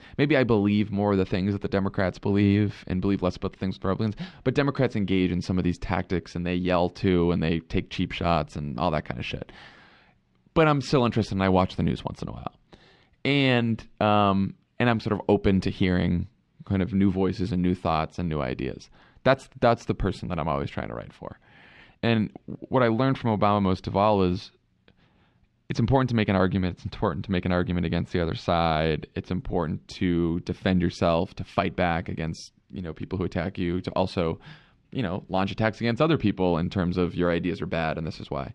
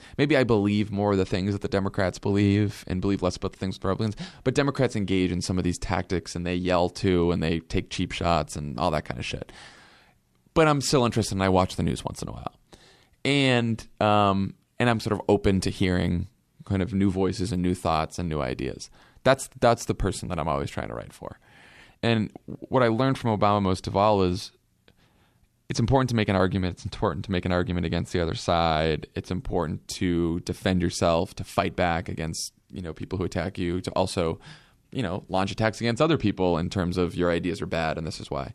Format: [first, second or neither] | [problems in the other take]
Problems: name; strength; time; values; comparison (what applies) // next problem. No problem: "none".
second | muffled; very slightly; fading above 3 kHz